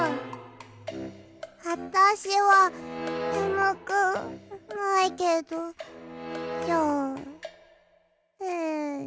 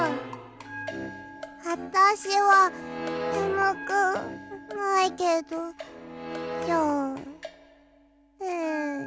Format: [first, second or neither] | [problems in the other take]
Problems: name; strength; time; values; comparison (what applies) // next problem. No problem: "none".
first | background sound (Bell); 18 dB below the speech